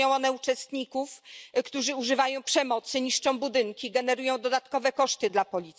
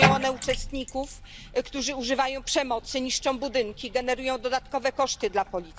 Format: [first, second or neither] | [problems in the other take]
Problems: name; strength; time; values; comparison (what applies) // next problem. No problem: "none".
first | background sound (Bathtub (filling or washing)); 5 dB below the speech